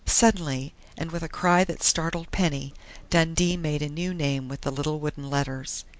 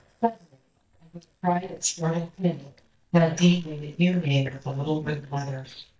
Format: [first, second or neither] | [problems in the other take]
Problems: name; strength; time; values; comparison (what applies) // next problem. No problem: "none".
first | noise reduction (neural mask model DeepFilterNet 3)